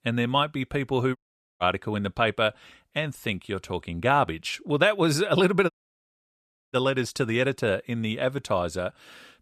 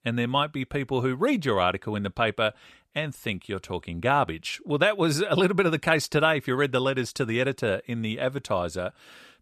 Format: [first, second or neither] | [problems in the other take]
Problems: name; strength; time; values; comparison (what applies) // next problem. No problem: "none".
second | audio cutting out; at 1 s and at 5.5 s for 1 s